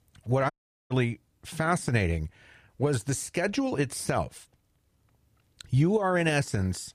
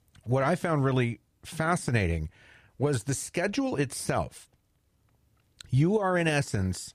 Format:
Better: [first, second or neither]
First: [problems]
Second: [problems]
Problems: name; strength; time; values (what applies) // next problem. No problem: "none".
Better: second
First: audio cutting out; at 0.5 s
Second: none